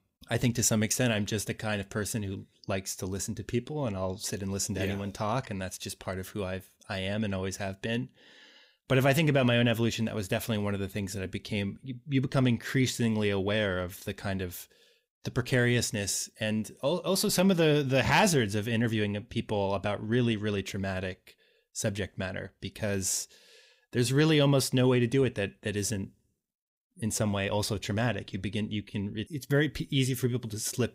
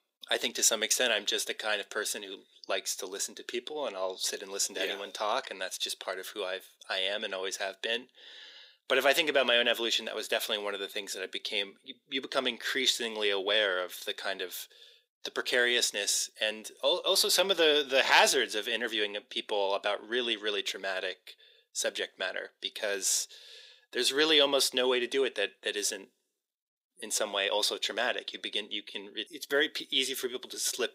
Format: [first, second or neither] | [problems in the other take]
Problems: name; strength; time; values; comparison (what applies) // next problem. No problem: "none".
first | thin; very; fading below 400 Hz